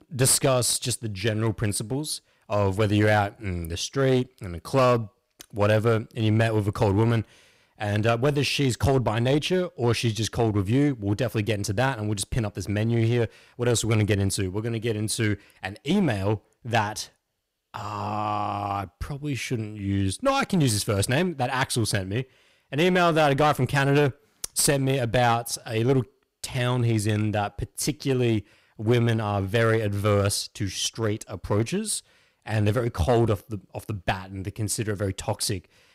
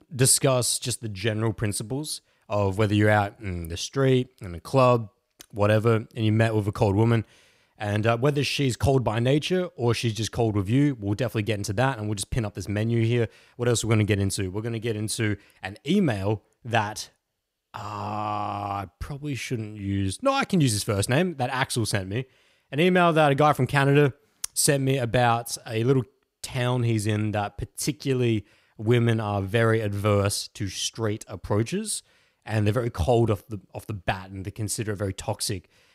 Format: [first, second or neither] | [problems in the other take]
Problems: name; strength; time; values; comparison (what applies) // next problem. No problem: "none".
second | distortion; slight; 6% of the sound clipped